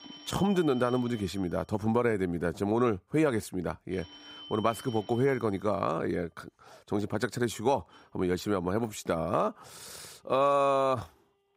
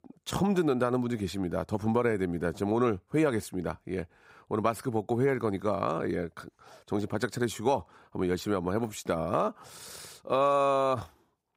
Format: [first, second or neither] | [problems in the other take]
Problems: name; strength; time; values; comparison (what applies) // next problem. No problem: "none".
second | alarms or sirens; noticeable; throughout; 20 dB below the speech